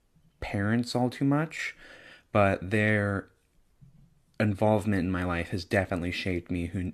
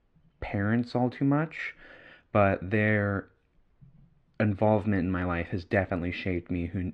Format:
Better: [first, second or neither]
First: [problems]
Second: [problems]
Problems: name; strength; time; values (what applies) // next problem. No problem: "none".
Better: first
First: none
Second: muffled; slightly; fading above 2.5 kHz